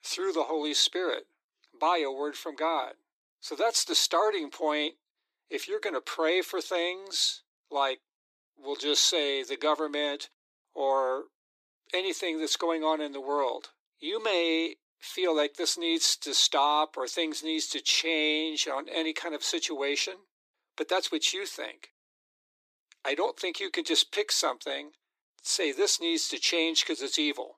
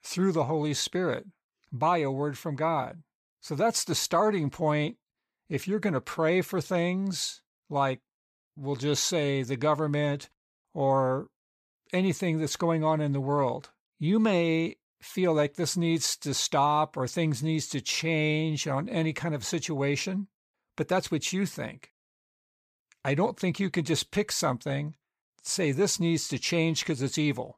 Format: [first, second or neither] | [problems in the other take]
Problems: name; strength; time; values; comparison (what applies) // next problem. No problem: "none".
second | thin; somewhat; fading below 300 Hz